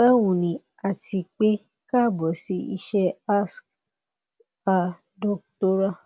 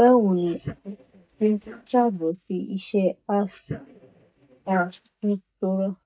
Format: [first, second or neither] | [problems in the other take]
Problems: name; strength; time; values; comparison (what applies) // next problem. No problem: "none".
first | noise reduction (neural mask model DeepFilterNet 3)